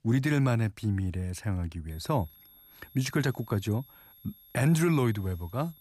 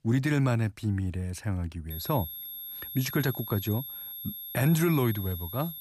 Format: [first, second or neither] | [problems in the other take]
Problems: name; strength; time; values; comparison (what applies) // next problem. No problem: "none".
first | high-pitched whine; loud; from 2 s on; 11.5 kHz, 8 dB below the speech; faint in the first